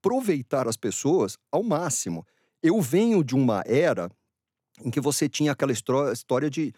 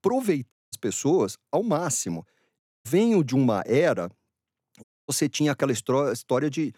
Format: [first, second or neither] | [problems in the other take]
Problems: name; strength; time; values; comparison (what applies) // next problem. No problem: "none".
first | audio cutting out; at 0.5 s, at 2.5 s and at 5 s